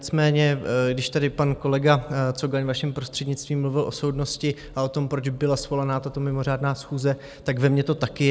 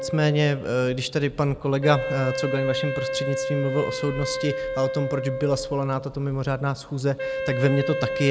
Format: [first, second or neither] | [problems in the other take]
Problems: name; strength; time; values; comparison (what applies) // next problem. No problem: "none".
first | background sound (Wind instrument, woodwind instrument); 6 dB below the speech